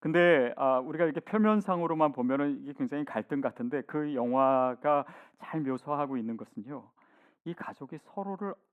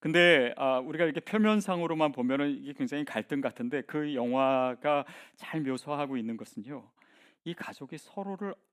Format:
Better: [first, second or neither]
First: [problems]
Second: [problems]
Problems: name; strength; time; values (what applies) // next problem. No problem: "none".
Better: second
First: muffled; very; fading above 2 kHz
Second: none